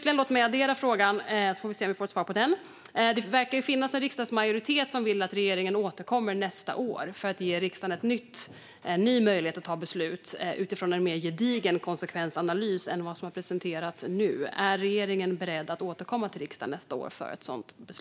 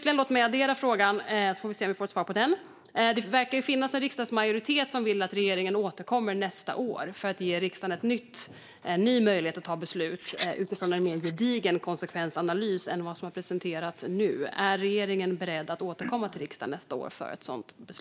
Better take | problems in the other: first | noise reduction (neural mask model Resemble Enhance denoiser)

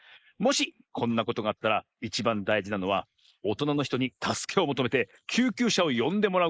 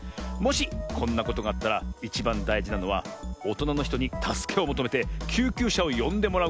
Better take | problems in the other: second | noise reduction (neural mask model Resemble Enhance denoiser)

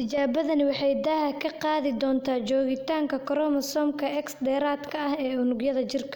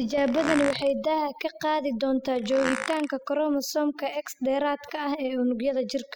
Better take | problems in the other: first | noise reduction (classical method spectral subtraction)

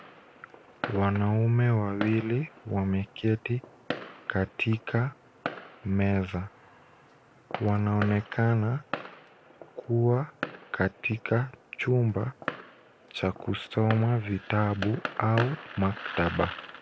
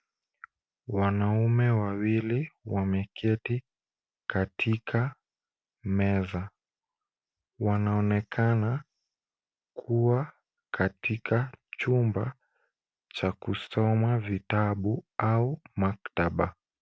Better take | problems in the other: second | background sound (Fireworks); 13 dB below the speech

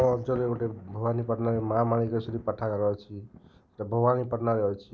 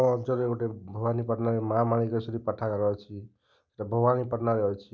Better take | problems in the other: second | background sound (Thunder); 19 dB below the speech

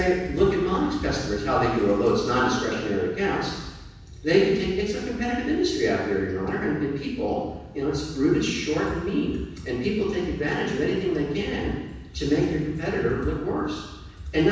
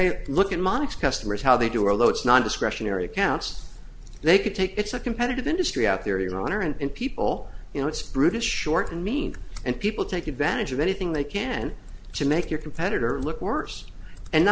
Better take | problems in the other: second | room echo; dies away in 1.1 s

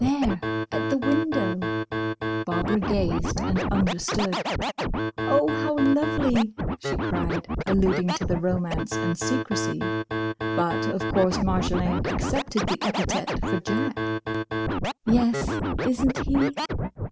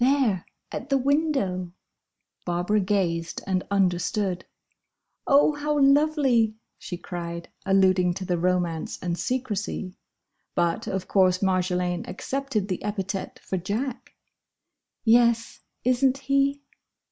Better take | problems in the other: second | background sound (Scratching (performance technique)); 1 dB below the speech

